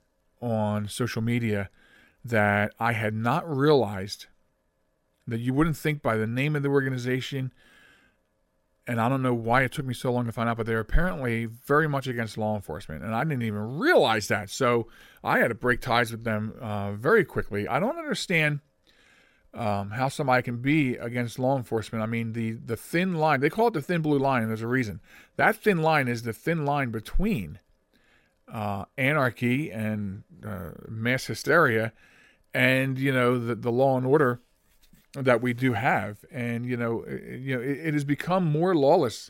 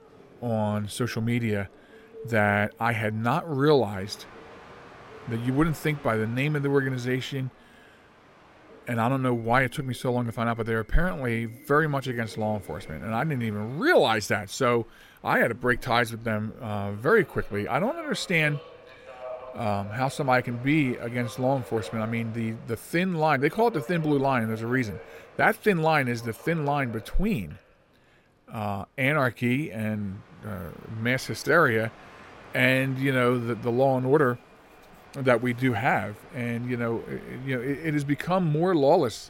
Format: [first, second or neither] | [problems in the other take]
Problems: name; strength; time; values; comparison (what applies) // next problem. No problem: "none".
first | train or aircraft noise; faint; throughout; 20 dB below the speech